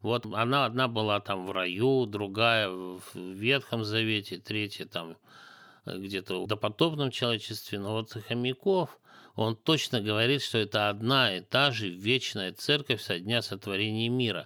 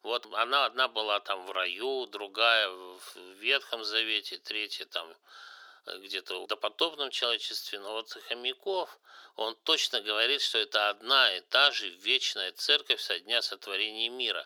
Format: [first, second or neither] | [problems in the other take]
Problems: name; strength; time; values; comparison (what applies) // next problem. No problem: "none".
first | thin; very; fading below 450 Hz